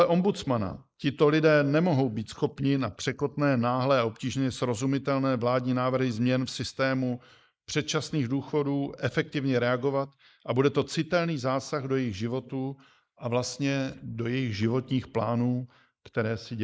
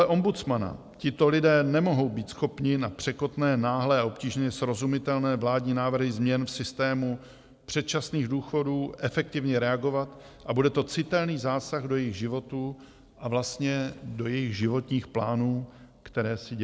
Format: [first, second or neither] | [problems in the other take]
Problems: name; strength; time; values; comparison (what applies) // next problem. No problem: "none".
second | noise reduction (neural mask model Resemble Enhance denoiser)